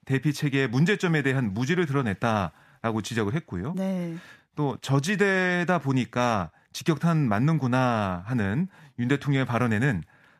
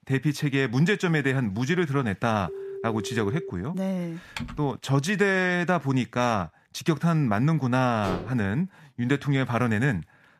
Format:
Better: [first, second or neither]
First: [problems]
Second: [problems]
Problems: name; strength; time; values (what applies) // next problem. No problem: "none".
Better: first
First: none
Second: phone ringing; faint; from 2.5 to 3.5 s; peak 10 dB below the speech // keyboard typing; faint; at 4.5 s; peak 10 dB below the speech // clattering dishes; noticeable; at 8 s; peak 9 dB below the speech